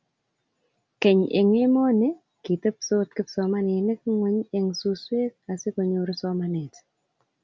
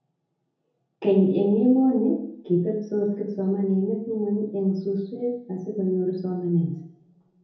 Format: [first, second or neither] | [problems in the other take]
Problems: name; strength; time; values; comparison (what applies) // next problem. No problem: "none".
first | room echo; dies away in 0.7 s